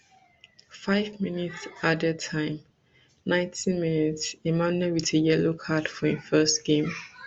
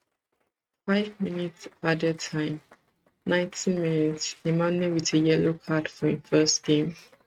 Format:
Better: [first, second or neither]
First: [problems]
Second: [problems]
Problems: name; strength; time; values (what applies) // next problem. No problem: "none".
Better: first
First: none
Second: noise reduction (neural mask model RNNoise)